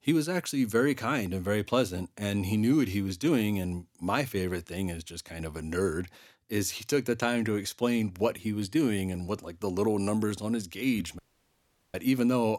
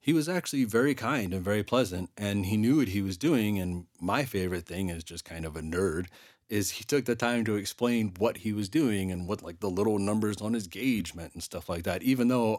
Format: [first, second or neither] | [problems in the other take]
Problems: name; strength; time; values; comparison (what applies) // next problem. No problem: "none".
second | audio cutting out; at 11 s for 1 s